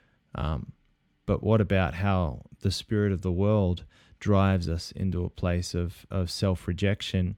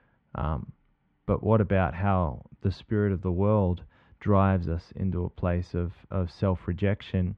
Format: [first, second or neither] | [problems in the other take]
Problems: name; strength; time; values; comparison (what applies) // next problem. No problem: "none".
first | muffled; very; fading above 2 kHz